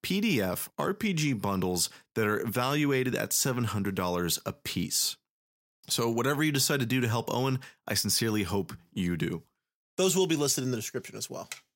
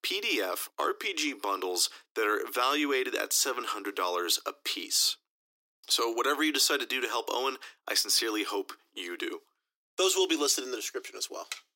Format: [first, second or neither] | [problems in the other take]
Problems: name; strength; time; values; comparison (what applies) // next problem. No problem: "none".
first | thin; very; fading below 300 Hz